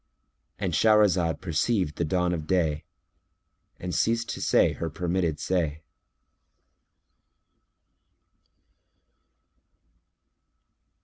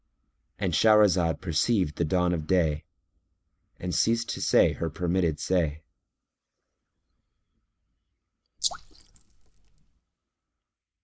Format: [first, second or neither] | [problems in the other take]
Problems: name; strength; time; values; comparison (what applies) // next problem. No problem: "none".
first | noise reduction (neural mask model Resemble Enhance denoiser)